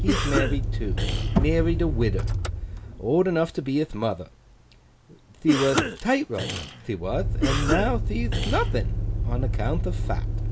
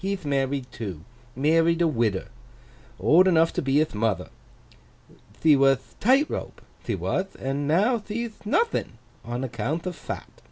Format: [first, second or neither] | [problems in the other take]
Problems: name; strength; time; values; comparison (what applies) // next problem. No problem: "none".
second | background sound (Motor vehicle (road) + Cough); 1 dB above the speech